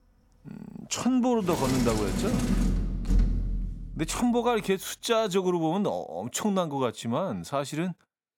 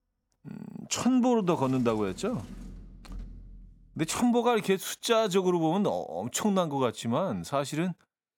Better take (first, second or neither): second